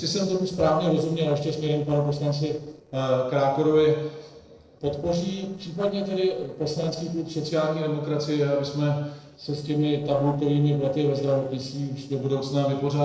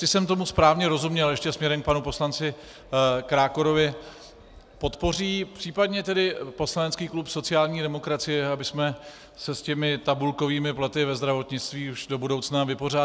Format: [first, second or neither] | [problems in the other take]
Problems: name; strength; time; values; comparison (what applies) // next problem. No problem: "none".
second | noise reduction (neural separator model SepFormer DNS4)